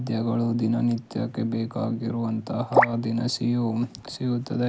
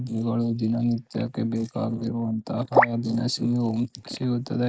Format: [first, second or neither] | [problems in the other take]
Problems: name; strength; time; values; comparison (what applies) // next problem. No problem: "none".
first | noise reduction (neural mask model Resemble Enhance denoiser)